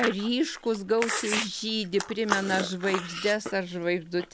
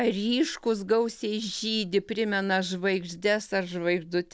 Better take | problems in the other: second | background sound (Chewing, mastication); 7 dB below the speech

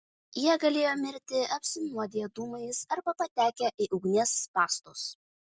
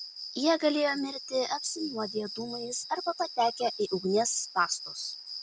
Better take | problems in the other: first | background sound (Cricket); 12 dB below the speech

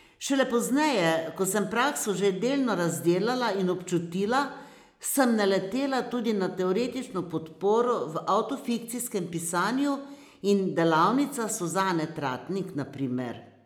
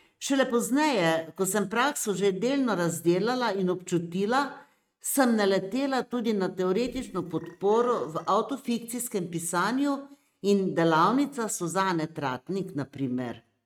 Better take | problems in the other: first | noise reduction (neural mask model RNNoise)

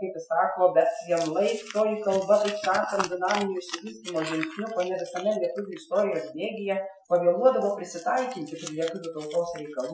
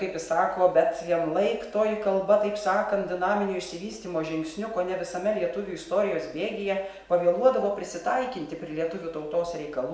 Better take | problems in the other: second | noise reduction (classical method Wiener filter)

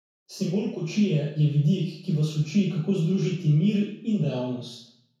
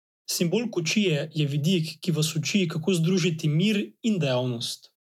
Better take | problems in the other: second | room echo; dies away in 0.6 s

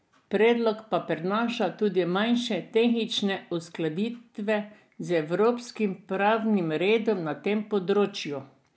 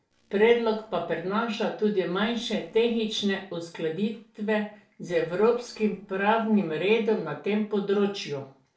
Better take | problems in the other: first | noise reduction (neural separator model SepFormer DNS4)

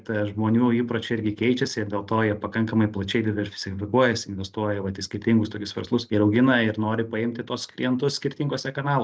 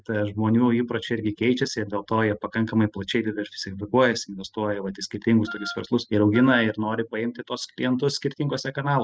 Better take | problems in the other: first | noise reduction (classical method spectral subtraction)

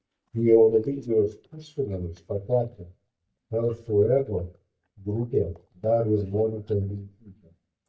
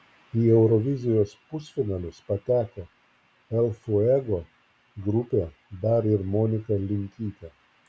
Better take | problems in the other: second | noise reduction (neural mask model DeepFilterNet 3)

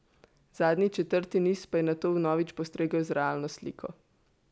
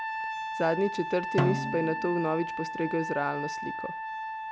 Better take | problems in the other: first | background sound (Trumpet + Snare drum); 2 dB below the speech

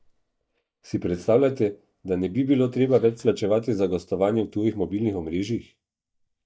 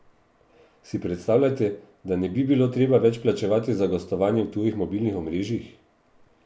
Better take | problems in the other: second | noise reduction (neural mask model DeepFilterNet 3)

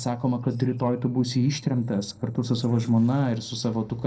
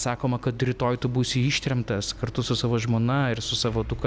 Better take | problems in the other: second | noise reduction (neural separator model SepFormer DNS4)

